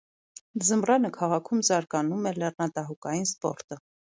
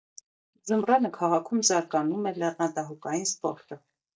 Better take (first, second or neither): first